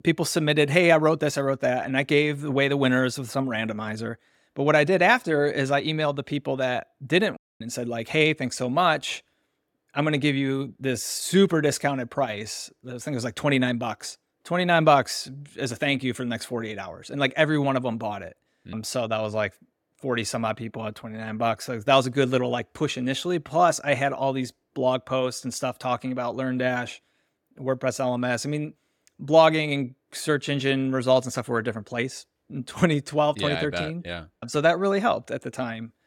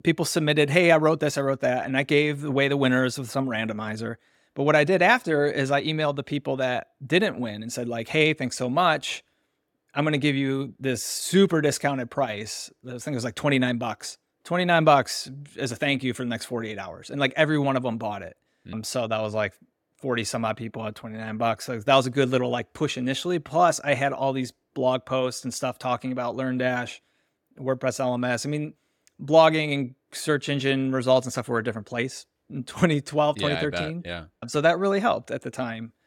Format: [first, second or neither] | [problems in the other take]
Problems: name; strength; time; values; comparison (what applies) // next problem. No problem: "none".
second | audio cutting out; at 7.5 s